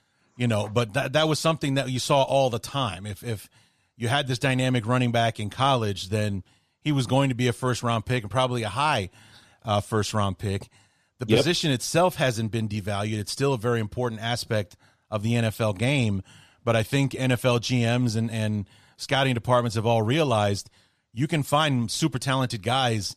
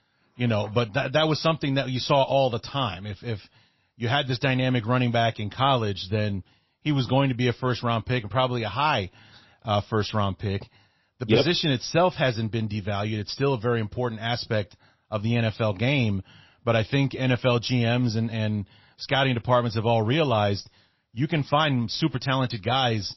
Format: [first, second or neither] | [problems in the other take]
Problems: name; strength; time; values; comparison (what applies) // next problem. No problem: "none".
first | garbled, watery; slightly; nothing above 5.5 kHz